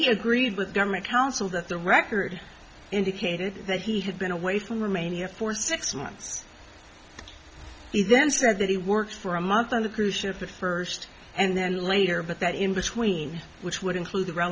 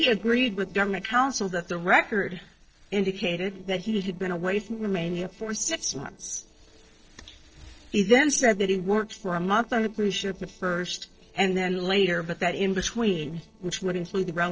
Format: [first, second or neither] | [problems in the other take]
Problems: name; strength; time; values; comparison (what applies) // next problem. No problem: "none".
first | noise reduction (neural separator model SepFormer DNS4)